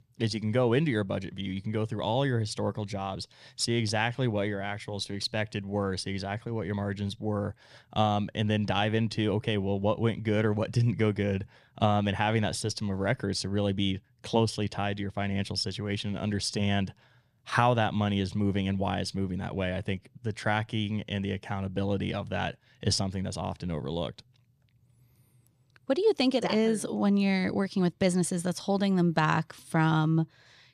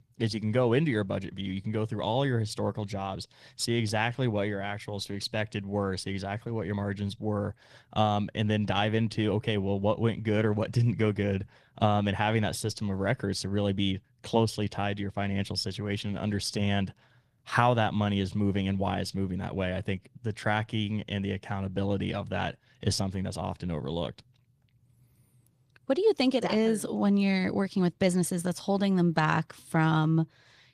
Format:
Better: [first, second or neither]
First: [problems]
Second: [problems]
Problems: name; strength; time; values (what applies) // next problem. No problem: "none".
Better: first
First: none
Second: garbled, watery; slightly